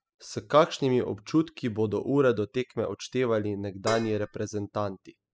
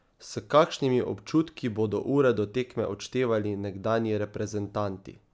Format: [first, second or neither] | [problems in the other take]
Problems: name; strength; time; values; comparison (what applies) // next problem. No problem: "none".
second | noise reduction (classical method spectral subtraction)